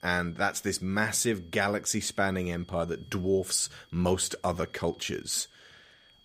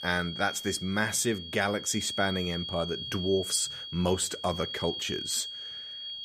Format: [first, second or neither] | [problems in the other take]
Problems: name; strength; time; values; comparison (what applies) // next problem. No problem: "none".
first | high-pitched whine; loud; throughout; 3.5 kHz, 6 dB below the speech; faint in the first